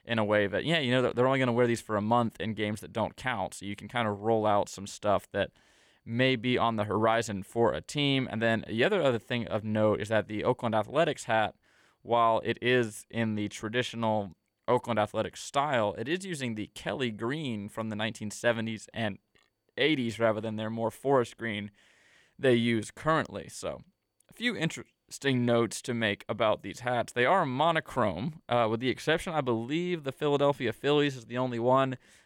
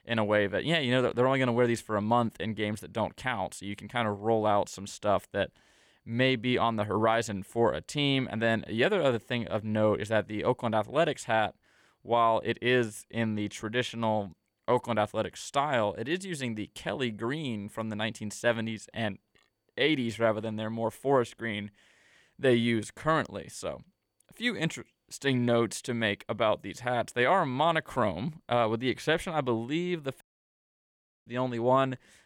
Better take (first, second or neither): first